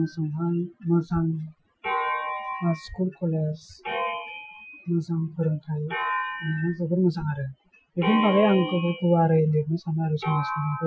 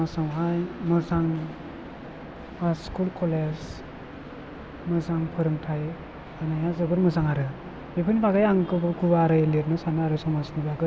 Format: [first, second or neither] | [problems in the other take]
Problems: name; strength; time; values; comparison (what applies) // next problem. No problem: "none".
second | noise reduction (classical method Wiener filter)